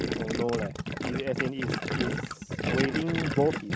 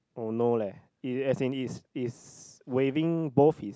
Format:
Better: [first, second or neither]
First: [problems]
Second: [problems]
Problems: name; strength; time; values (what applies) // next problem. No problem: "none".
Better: second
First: background sound (Gurgling); 1 dB above the speech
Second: none